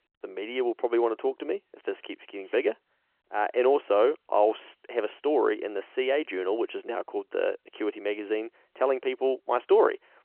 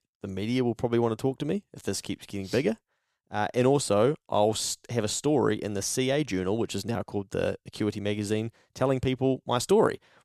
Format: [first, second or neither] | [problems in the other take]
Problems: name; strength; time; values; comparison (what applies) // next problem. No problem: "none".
second | phone-call audio